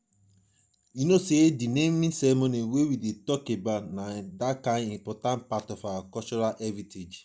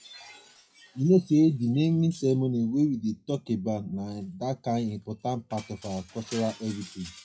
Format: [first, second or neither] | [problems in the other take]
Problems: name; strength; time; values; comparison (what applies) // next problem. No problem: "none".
first | noise reduction (classical method WPE with log-MMSE)